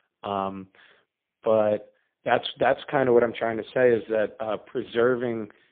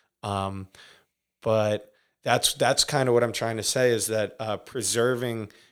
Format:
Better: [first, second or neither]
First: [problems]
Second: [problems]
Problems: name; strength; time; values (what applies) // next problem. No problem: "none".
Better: second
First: phone-call audio; poor line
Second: none